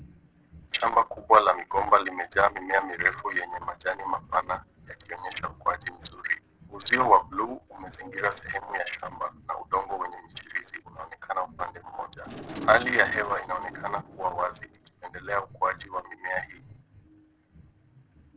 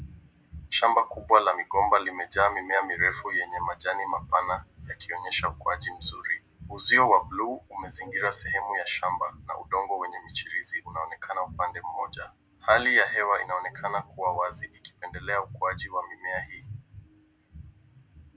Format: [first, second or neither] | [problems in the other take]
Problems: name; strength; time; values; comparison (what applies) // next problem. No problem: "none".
second | noise reduction (neural separator model SepFormer DNS4)